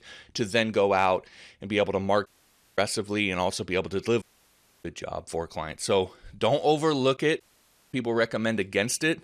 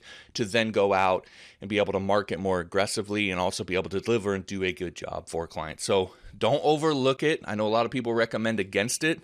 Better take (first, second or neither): second